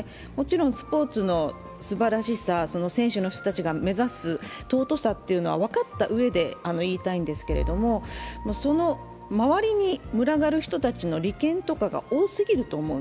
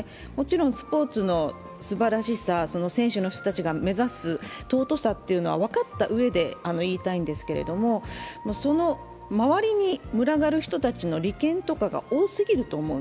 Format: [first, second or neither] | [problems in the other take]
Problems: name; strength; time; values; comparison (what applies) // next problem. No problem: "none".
second | background sound (Bowed string instrument); 17 dB below the speech